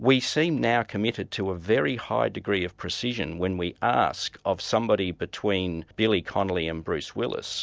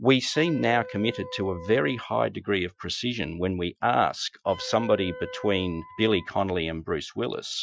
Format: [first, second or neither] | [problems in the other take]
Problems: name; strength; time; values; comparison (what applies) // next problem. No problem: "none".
first | noise reduction (classical method Wiener filter)